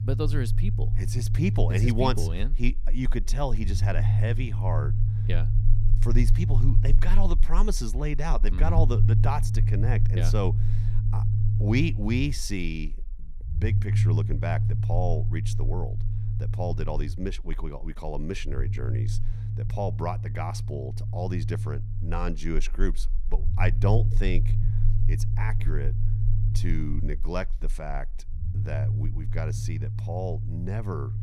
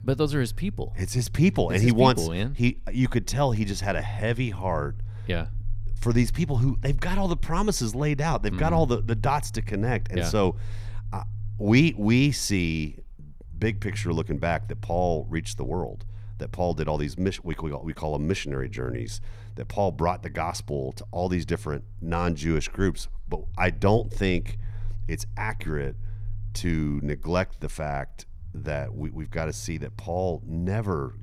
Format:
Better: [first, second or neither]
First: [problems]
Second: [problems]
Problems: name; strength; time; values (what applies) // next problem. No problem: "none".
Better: second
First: low rumble; loud; throughout; 7 dB below the speech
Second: low rumble; faint; throughout; 25 dB below the speech